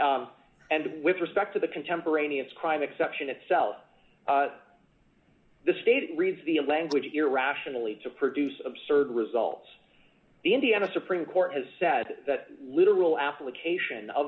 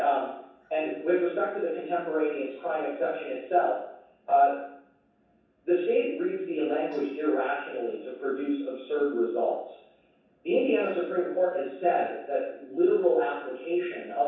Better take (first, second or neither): first